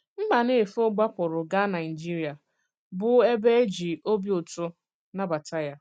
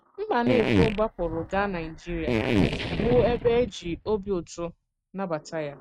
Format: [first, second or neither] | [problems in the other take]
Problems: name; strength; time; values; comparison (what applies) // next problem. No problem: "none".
first | noise reduction (neural mask model RNNoise)